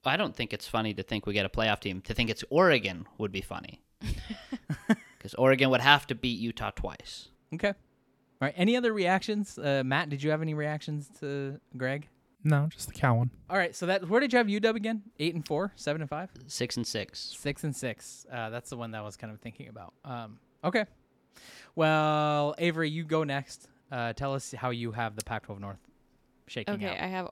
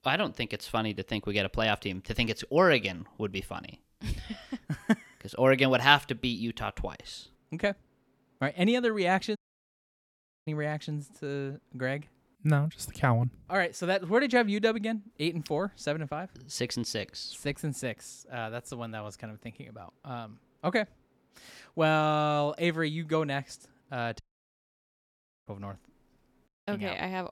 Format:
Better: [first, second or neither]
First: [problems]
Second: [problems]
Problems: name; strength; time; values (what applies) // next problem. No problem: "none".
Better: first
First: none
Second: audio cutting out; at 9.5 s for 1 s, at 24 s for 1.5 s and at 26 s